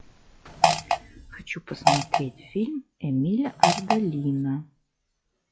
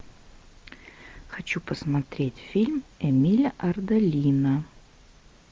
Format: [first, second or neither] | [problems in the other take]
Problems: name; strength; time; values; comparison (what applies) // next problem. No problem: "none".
second | noise reduction (classical method log-MMSE)